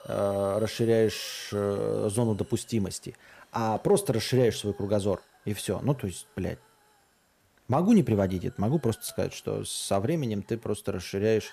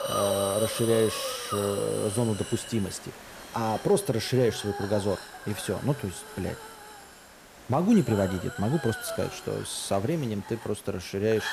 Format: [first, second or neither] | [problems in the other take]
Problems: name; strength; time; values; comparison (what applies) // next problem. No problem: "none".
first | hiss; loud; throughout; 9 dB below the speech; faint in the first